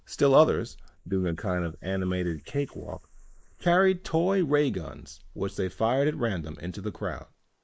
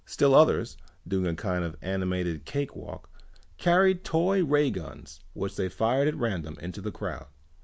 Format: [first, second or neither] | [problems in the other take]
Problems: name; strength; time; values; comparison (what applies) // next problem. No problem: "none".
second | noise reduction (neural mask model Resemble Enhance denoiser)